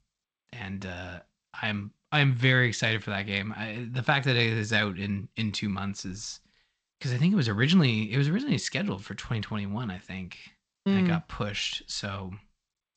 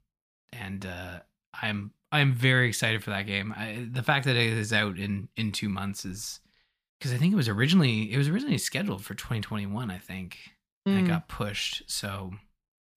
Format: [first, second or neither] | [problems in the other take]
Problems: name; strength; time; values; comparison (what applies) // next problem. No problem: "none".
second | garbled, watery; slightly; nothing above 8 kHz